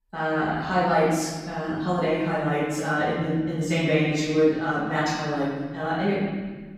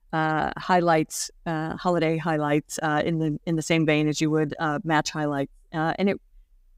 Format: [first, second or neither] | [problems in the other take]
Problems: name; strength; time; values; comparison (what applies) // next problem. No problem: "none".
second | off-mic speech; far // room echo; strong; dies away in 1.5 s